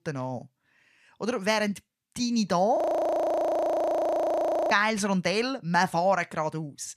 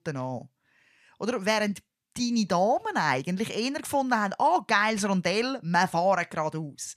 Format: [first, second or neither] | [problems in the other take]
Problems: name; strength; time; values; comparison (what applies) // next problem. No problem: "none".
second | audio freezing; at 3 s for 2 s